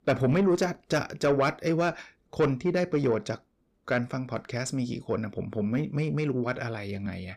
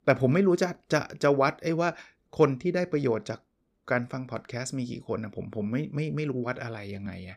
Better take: second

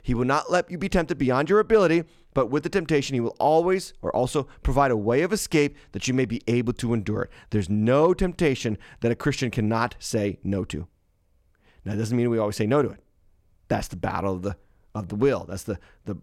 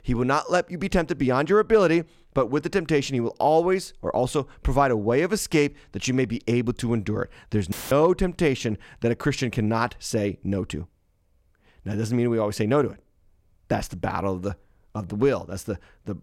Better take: first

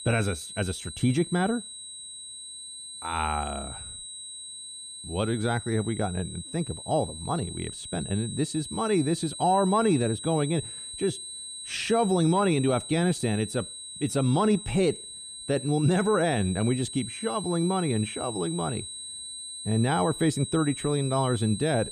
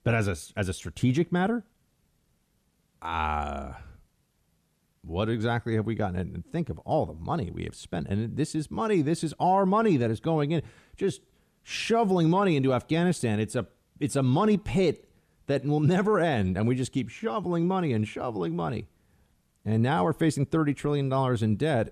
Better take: second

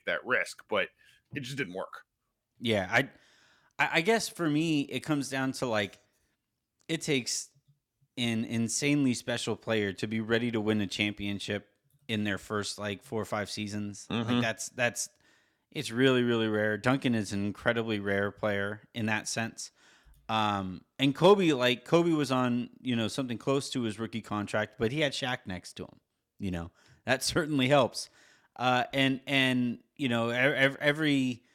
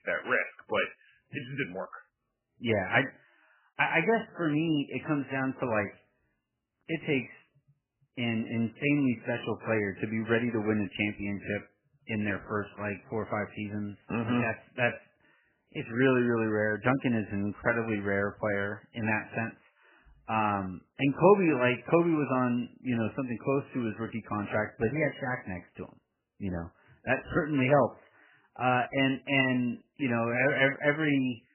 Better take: first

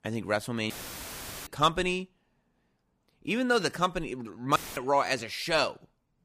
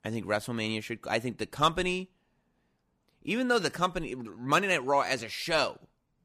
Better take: second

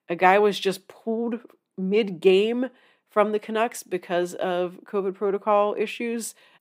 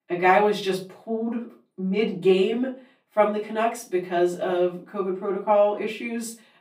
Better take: first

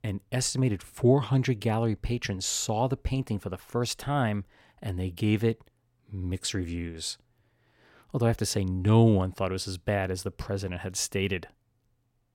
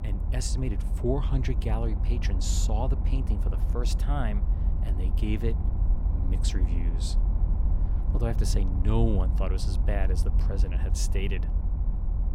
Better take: first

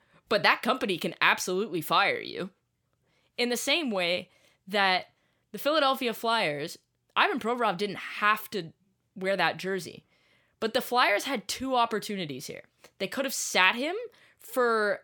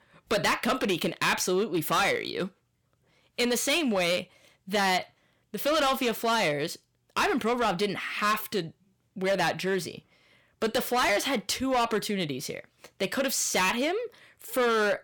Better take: first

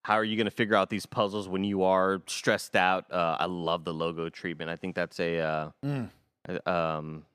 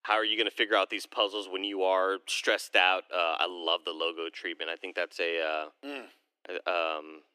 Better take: first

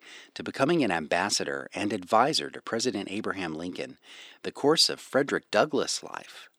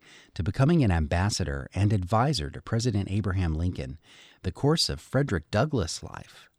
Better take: second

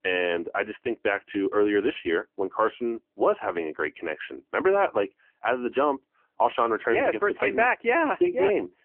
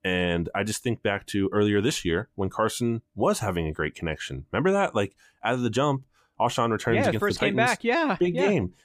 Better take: second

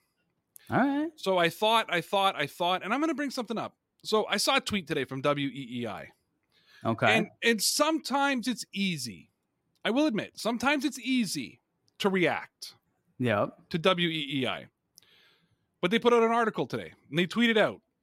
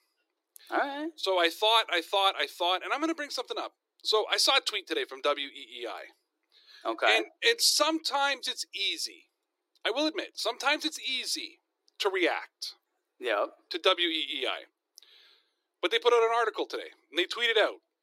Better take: first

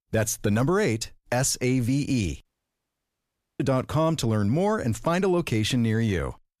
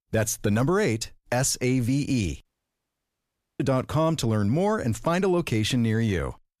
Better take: neither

